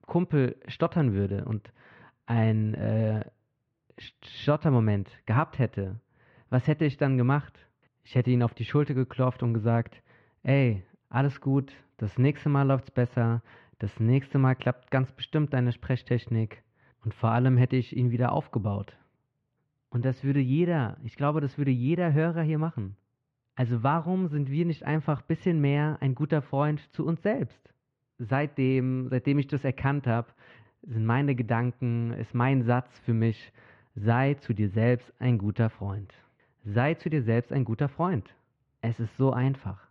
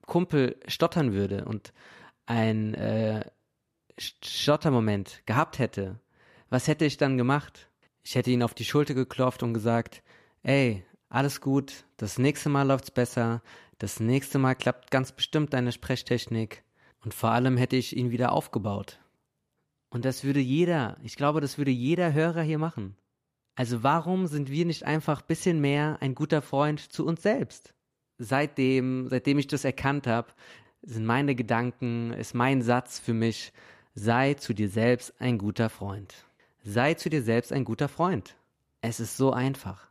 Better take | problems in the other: second | muffled; very; fading above 2.5 kHz

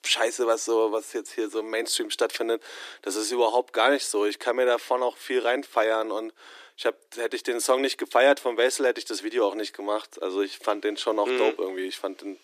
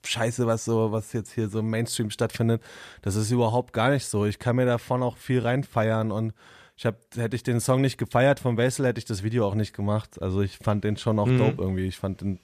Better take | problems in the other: second | thin; very; fading below 300 Hz

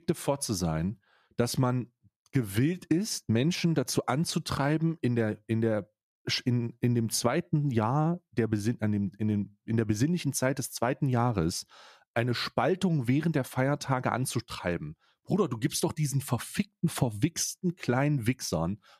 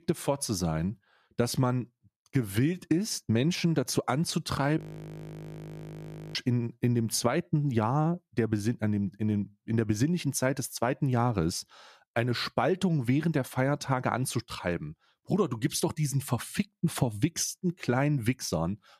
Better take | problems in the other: first | audio freezing; at 5 s for 1.5 s

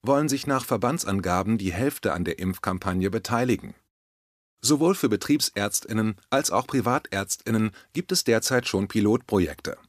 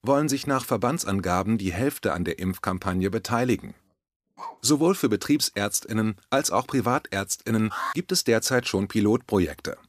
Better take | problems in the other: first | dog barking; faint; at 4.5 s; peak 15 dB below the speech // alarm; noticeable; at 7.5 s; peak 6 dB below the speech

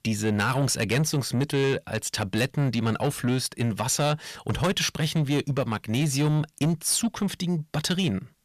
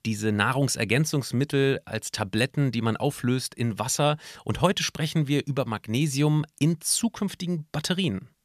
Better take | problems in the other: second | distortion; slight; 10 dB below the speech

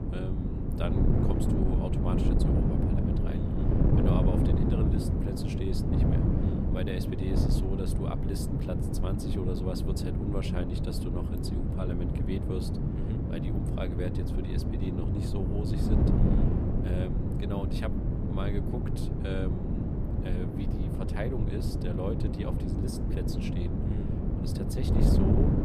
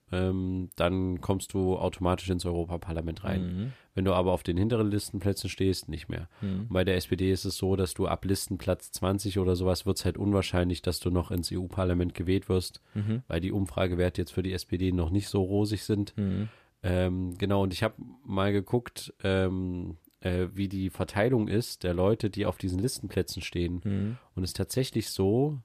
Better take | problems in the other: second | wind noise on the microphone; heavy; 3 dB above the speech

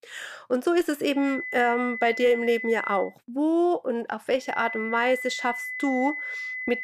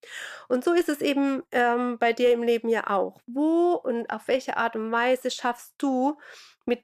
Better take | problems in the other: second | high-pitched whine; loud; from 1 to 3 s and from 4.5 s on; 2 kHz, 7 dB below the speech

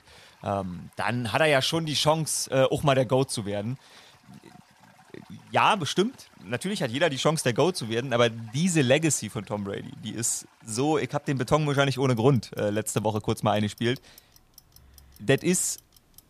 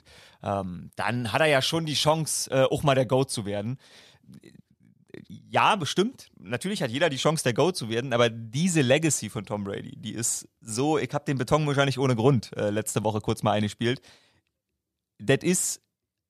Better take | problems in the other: second | household noises; faint; throughout; 30 dB below the speech

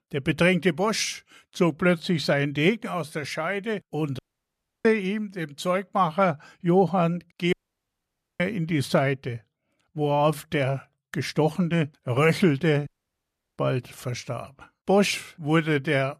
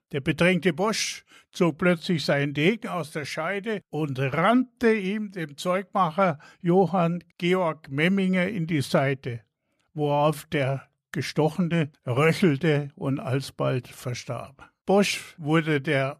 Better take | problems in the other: second | audio cutting out; at 4 s for 0.5 s, at 7.5 s for 1 s and at 13 s for 0.5 s

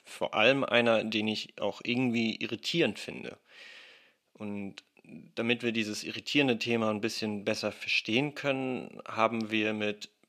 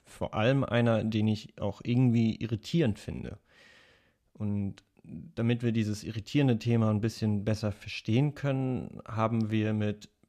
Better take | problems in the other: second | thin; somewhat; fading below 300 Hz

